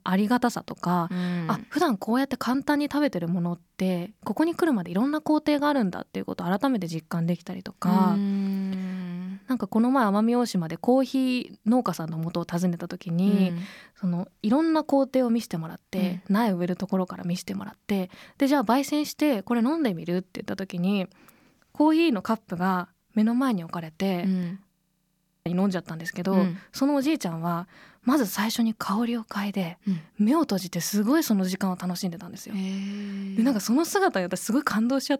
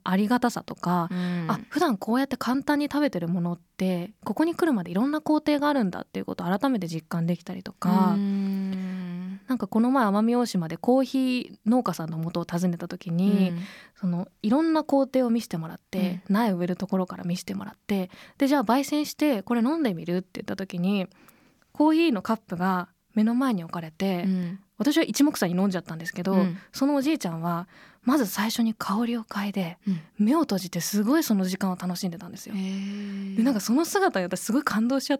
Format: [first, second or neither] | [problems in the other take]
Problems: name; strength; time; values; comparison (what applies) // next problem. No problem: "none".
second | audio freezing; at 25 s for 1 s